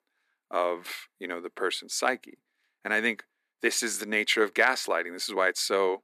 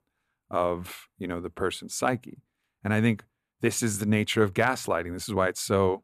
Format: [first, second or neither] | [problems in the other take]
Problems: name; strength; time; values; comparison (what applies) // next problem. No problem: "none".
second | thin; somewhat; fading below 300 Hz